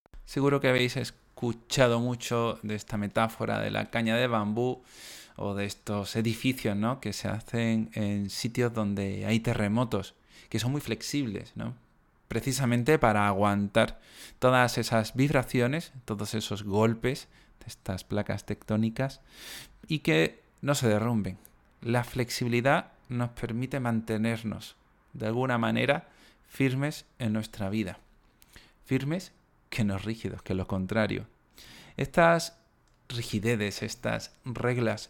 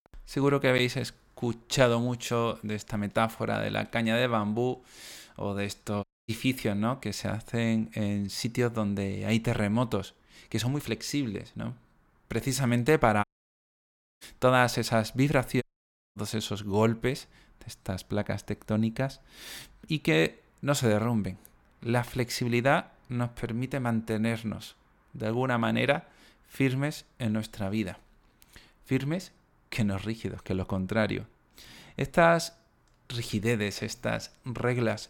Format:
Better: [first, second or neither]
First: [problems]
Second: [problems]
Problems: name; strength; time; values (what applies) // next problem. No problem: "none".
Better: first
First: none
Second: audio cutting out; at 6 s, at 13 s for 1 s and at 16 s for 0.5 s